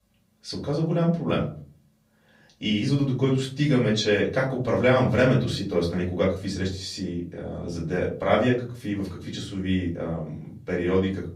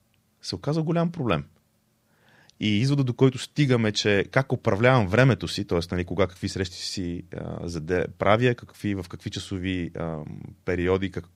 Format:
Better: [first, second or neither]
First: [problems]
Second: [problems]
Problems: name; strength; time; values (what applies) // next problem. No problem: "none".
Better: second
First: off-mic speech; far // room echo; slight; dies away in 0.4 s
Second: none